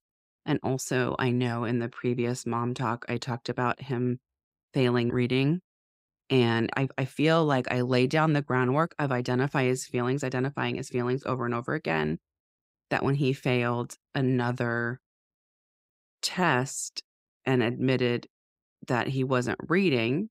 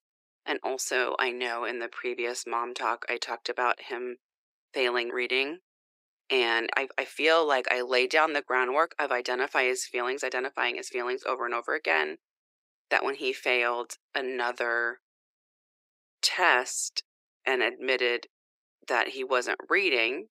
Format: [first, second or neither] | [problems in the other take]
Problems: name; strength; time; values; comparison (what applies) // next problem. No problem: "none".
first | thin; very; fading below 400 Hz